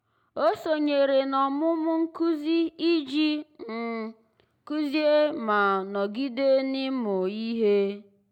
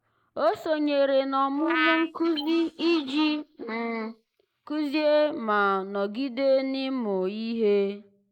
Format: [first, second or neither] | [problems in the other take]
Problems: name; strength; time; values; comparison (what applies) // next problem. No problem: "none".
first | noise reduction (neural mask model Resemble Enhance denoiser)